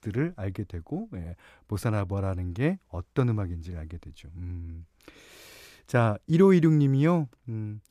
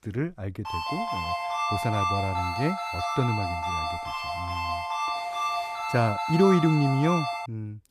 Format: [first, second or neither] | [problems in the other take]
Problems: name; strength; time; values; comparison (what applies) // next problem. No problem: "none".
first | phone ringing; loud; from 0.5 s on; peak level with the speech